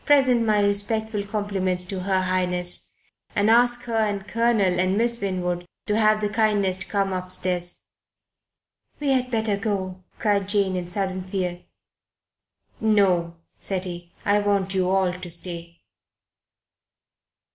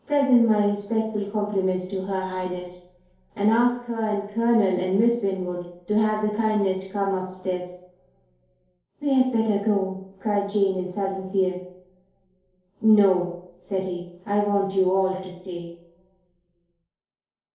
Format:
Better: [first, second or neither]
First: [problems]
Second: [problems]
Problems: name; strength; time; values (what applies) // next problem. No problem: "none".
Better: first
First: none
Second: room echo; dies away in 2.4 s